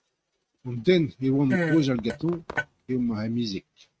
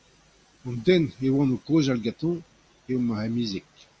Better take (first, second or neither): second